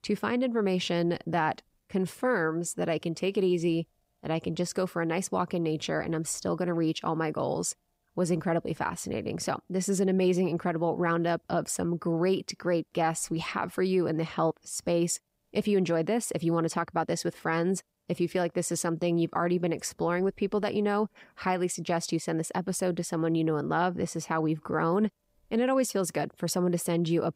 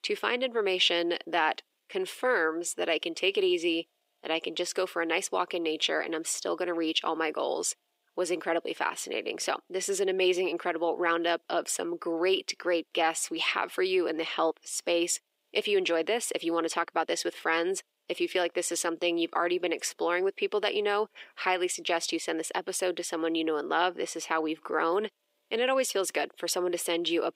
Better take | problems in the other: first | thin; very; fading below 350 Hz

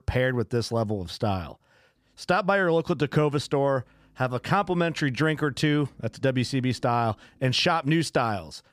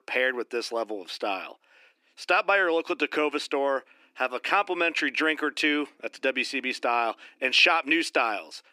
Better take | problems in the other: first | thin; somewhat; fading below 300 Hz

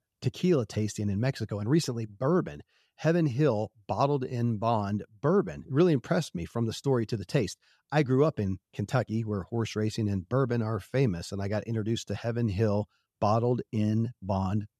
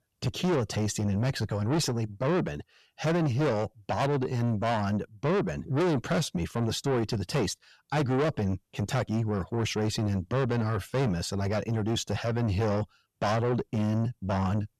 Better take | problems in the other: first | distortion; heavy; 6 dB below the speech

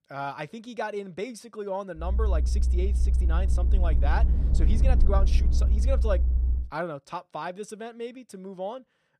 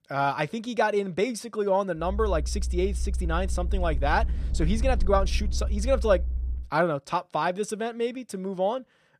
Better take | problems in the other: second | low rumble; loud; from 2 to 6.5 s; 9 dB below the speech; faint in the second

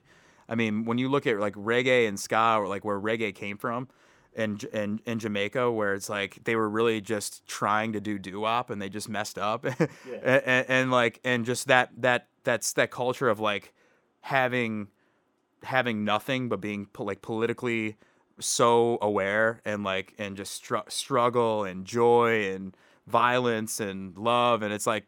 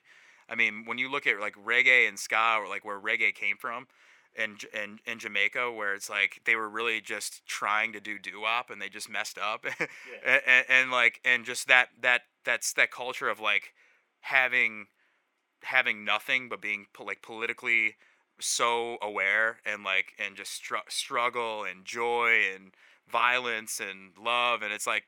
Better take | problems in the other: first | thin; somewhat; fading below 1 kHz

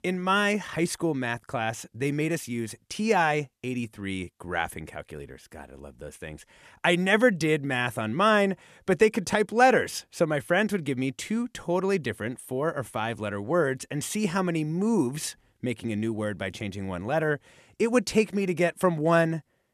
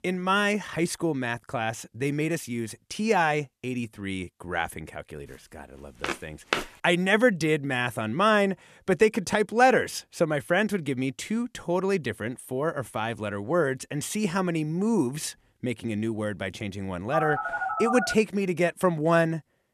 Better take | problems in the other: first | footsteps; noticeable; at 6 s; peak 3 dB below the speech // phone ringing; noticeable; from 17 to 18 s; peak 2 dB below the speech

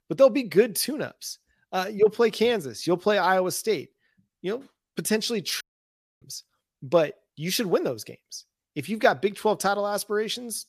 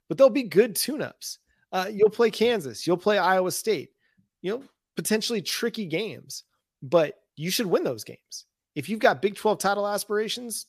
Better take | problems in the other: second | audio cutting out; at 5.5 s for 0.5 s

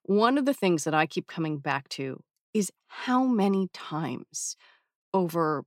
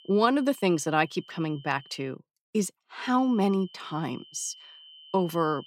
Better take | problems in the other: first | high-pitched whine; faint; until 2 s and from 3 s on; 3 kHz, 20 dB below the speech

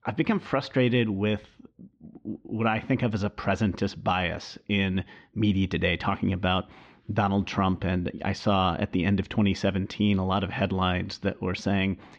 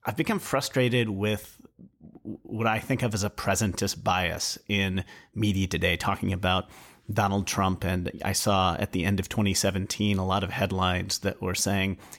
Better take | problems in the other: second | muffled; slightly; fading above 4 kHz

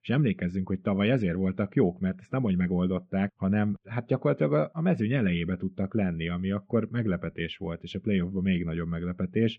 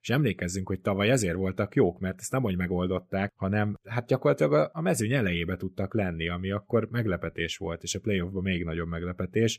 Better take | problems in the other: second | muffled; very; fading above 3 kHz

